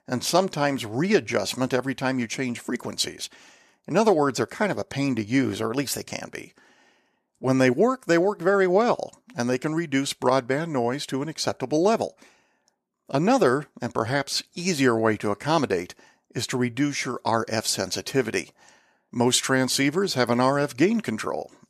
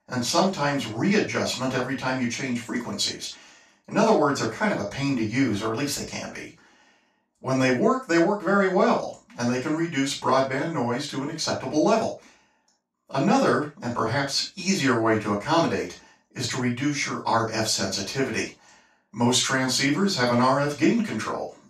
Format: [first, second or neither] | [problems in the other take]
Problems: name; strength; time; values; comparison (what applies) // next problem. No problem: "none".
first | room echo; noticeable; dies away in 0.2 s // off-mic speech; far